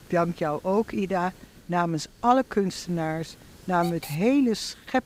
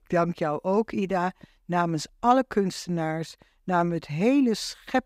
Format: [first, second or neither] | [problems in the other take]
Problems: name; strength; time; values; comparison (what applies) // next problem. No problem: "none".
second | hiss; faint; throughout; 20 dB below the speech